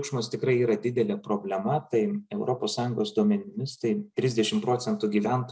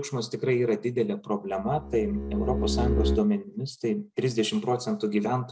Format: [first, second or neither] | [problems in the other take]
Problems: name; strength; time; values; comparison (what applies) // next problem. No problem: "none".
first | background sound (Bowed string instrument); 1 dB below the speech